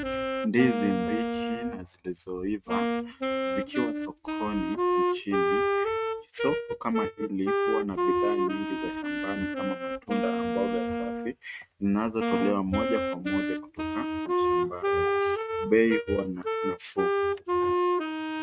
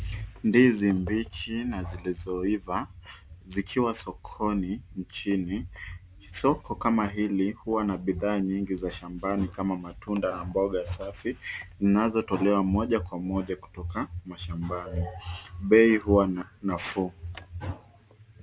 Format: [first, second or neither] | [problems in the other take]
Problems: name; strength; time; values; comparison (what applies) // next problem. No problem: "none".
second | noise reduction (neural mask model RNNoise)